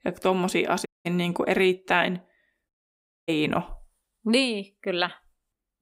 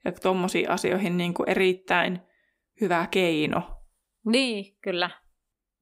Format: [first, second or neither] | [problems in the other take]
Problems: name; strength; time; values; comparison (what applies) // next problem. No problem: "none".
second | audio cutting out; at 1 s and at 2.5 s for 0.5 s